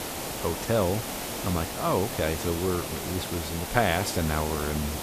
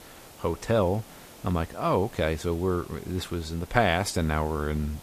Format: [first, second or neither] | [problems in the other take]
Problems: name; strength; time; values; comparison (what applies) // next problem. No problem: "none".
second | hiss; loud; throughout; 4 dB below the speech; faint in the second